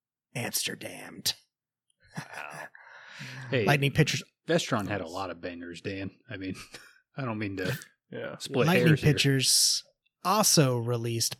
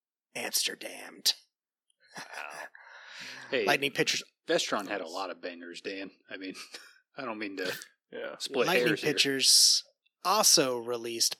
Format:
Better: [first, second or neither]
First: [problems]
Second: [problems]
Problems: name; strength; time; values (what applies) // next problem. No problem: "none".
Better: first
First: none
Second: thin; somewhat; fading below 300 Hz